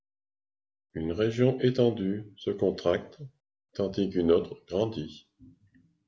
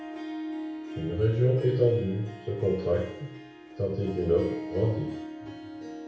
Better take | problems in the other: first | background sound (Harp); 10 dB below the speech // room echo; dies away in 0.6 s

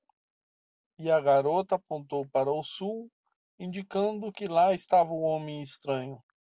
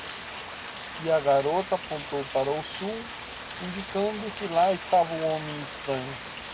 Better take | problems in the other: first | background sound (Rain); 10 dB below the speech

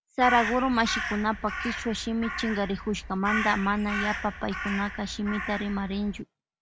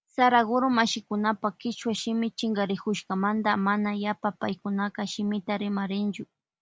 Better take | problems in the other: second | background sound (Crow); 6 dB below the speech

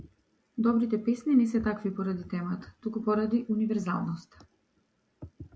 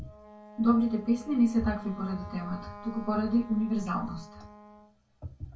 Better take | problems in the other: first | background sound (Wind instrument, woodwind instrument); 18 dB below the speech // room echo; dies away in 0.2 s

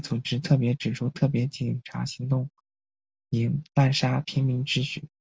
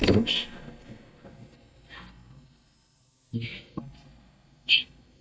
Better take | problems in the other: first | noise reduction (neural mask model DeepFilterNet 3)

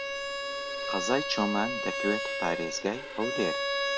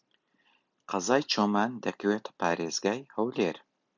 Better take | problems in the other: second | background sound (Bowed string instrument); as loud as the speech

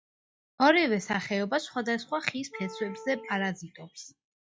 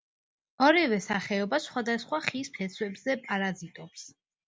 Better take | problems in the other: second | noise reduction (classical method log-MMSE)

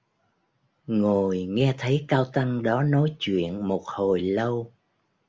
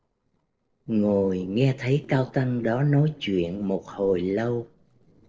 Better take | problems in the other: first | noise reduction (neural separator model SepFormer DNS4)

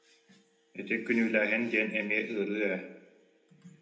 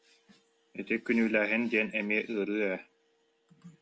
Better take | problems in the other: second | room echo; dies away in 0.7 s

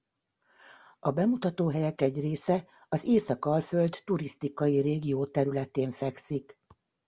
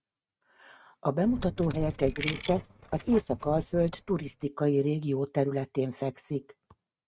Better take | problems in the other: first | noise reduction (neural mask model RNNoise)

